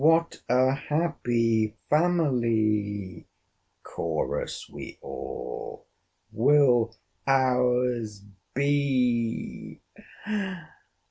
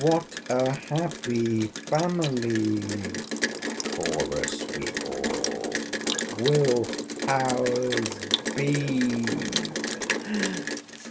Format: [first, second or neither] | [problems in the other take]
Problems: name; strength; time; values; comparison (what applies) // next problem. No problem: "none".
first | background sound (Rain); 4 dB below the speech